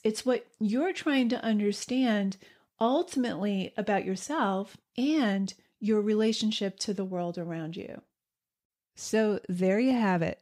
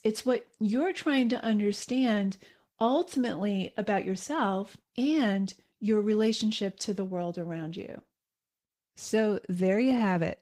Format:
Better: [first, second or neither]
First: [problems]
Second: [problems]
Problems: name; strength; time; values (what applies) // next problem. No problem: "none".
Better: first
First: none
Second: garbled, watery; slightly; nothing above 15.5 kHz